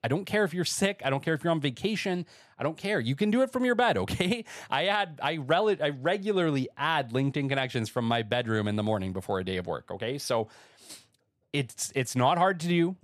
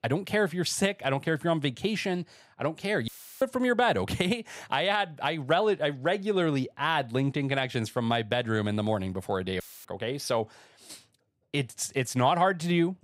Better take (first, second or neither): first